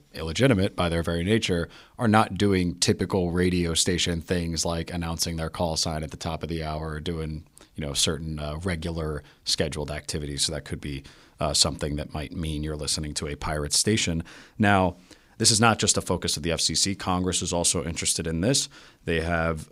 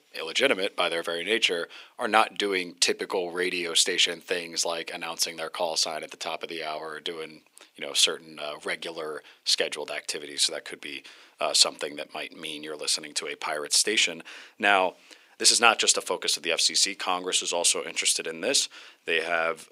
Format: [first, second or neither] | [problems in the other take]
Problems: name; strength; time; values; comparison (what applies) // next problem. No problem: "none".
first | thin; very; fading below 400 Hz